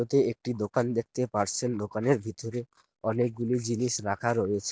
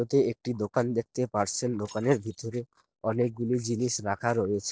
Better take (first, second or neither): first